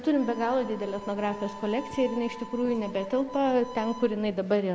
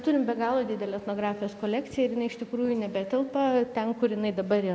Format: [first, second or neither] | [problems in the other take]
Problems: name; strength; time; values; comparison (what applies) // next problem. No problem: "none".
second | background sound (Harmonica); 15 dB below the speech